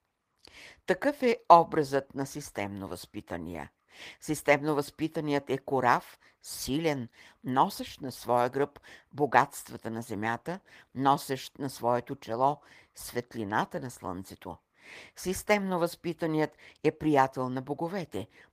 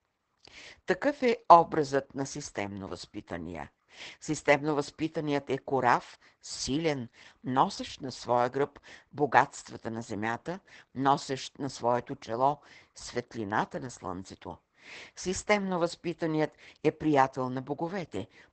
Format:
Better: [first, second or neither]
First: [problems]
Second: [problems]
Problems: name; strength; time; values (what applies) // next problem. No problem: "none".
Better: first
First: garbled, watery; slightly; nothing above 15 kHz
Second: garbled, watery; badly; nothing above 8 kHz